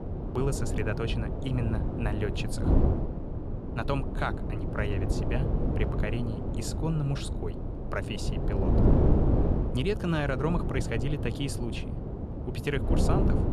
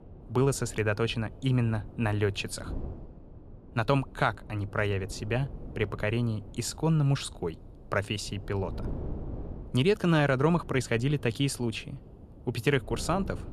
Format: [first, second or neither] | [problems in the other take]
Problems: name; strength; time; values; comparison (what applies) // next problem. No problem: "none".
second | wind noise on the microphone; heavy; 2 dB below the speech; occasional gusts in the second